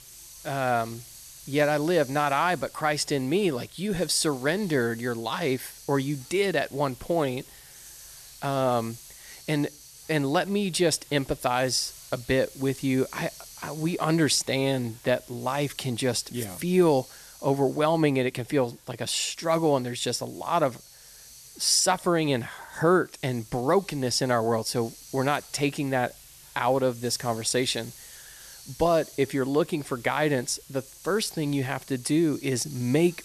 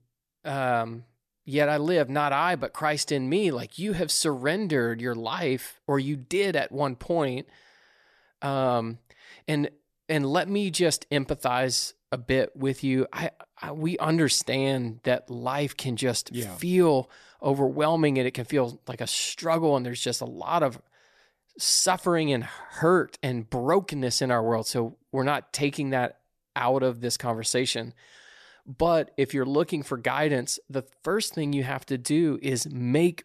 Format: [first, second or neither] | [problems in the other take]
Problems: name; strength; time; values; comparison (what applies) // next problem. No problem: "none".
second | hiss; noticeable; throughout; 20 dB below the speech